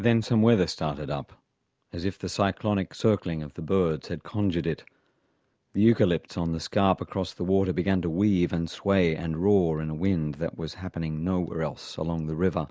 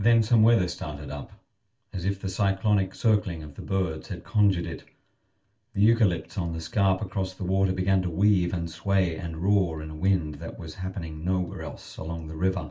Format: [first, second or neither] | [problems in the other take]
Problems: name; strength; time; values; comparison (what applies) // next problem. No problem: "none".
first | room echo; dies away in 0.2 s